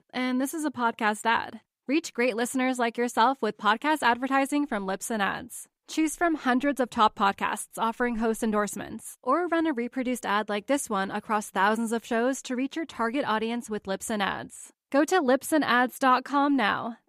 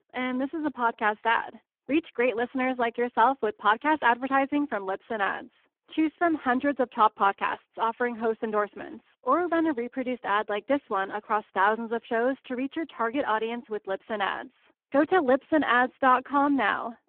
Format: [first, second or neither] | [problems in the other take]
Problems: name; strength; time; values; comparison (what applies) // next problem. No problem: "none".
first | phone-call audio; poor line